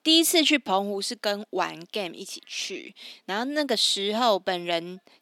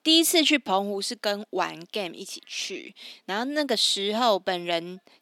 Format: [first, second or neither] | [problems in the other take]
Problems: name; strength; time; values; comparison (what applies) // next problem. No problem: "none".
neither | thin; somewhat; fading below 250 Hz; the same in both